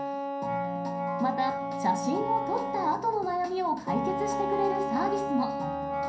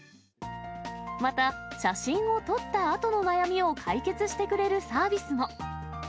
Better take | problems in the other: second | background sound (Wind instrument, woodwind instrument); 2 dB below the speech // room echo; dies away in 0.6 s

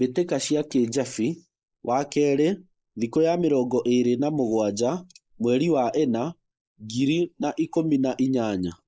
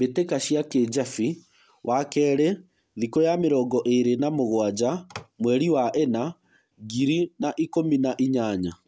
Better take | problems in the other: second | noise reduction (neural mask model Resemble Enhance denoiser)

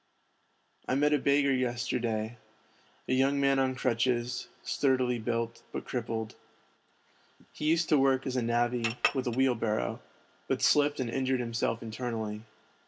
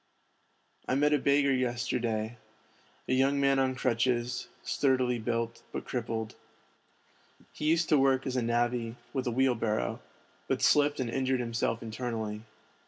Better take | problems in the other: second | background sound (Chink, clink); 6 dB below the speech

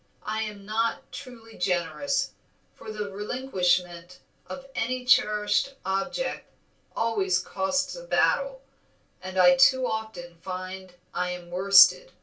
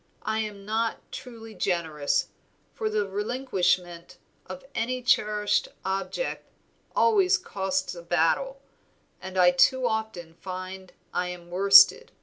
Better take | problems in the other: second | room echo; dies away in 0.2 s

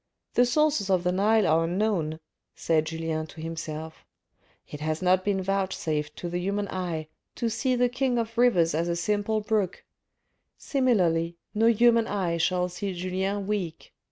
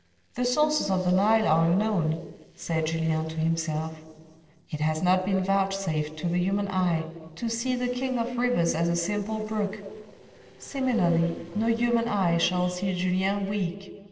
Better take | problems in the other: first | noise reduction (neural separator model SepFormer DNS4)

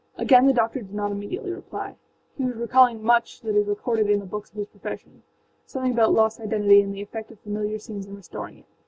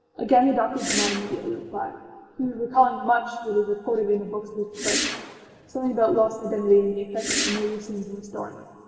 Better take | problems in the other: first | background sound (Whoosh, swoosh, swish); 6 dB below the speech // room echo; dies away in 2.5 s

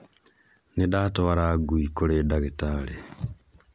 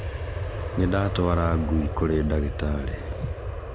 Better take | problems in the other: first | background sound (Aircraft); 5 dB below the speech

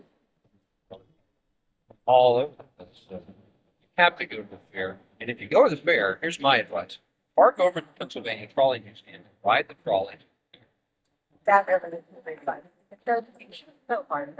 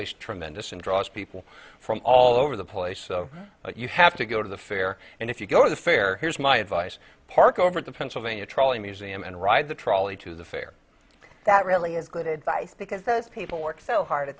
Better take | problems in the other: second | noise reduction (neural mask model DeepFilterNet 3)

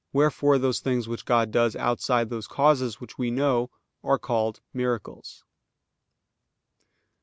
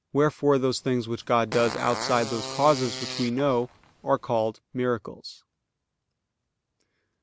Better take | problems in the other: first | background sound (Fart); 10 dB below the speech

